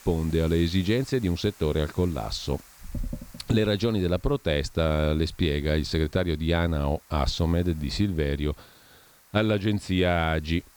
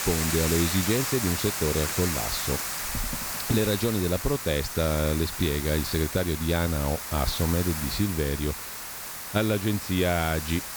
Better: first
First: hiss; faint; throughout; 25 dB below the speech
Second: hiss; loud; throughout; 3 dB below the speech

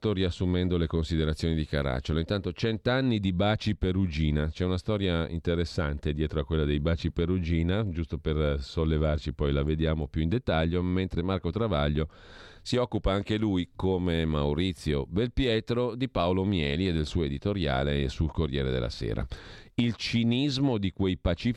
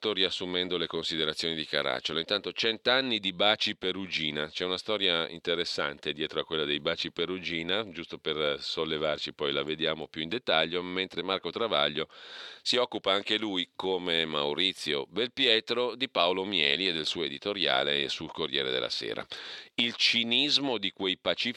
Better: first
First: none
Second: thin; somewhat; fading below 400 Hz

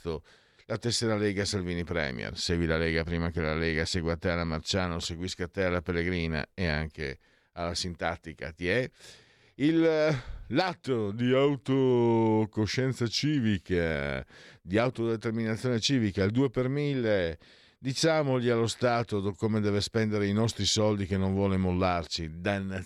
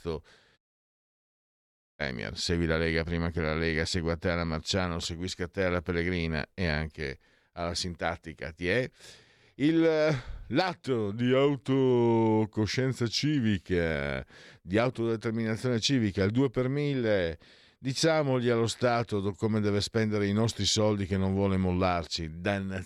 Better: first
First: none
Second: audio cutting out; at 0.5 s for 1.5 s

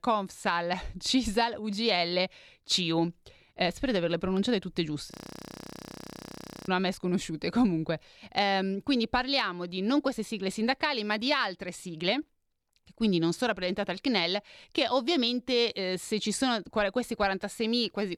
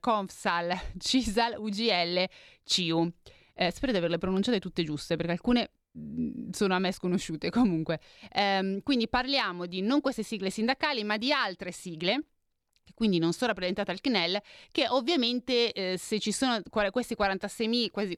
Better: second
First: audio freezing; at 5 s for 1.5 s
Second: none

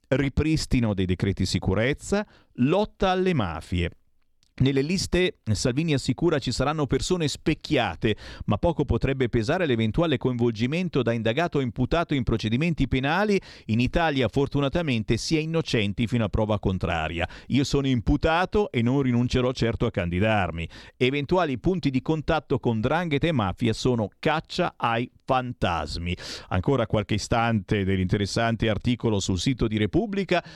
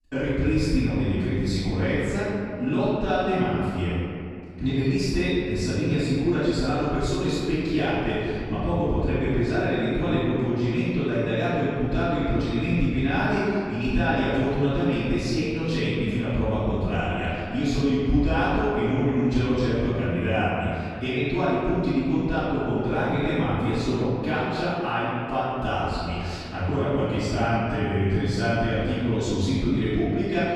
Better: first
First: none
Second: off-mic speech; far // room echo; strong; dies away in 2.3 s

